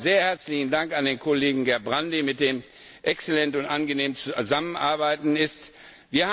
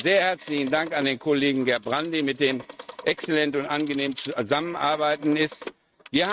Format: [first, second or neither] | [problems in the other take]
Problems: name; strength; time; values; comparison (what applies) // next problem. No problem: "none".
first | noise reduction (neural mask model RNNoise)